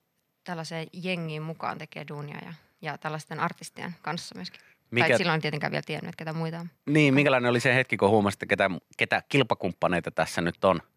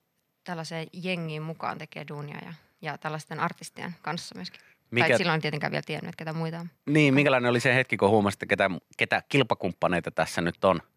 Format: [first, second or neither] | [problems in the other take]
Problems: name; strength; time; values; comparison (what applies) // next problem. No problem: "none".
neither | none